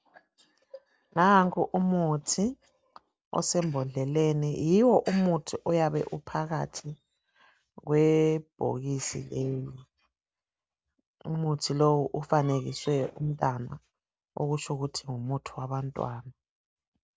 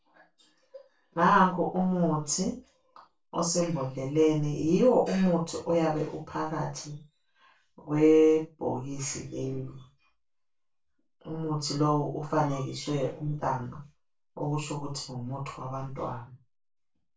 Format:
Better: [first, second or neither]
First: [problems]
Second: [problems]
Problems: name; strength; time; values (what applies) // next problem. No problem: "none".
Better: first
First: none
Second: room echo; dies away in 0.2 s